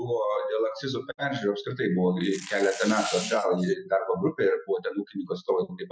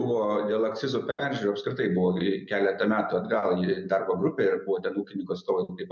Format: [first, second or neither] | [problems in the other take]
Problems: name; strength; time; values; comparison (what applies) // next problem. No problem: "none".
second | noise reduction (classical method Wiener filter)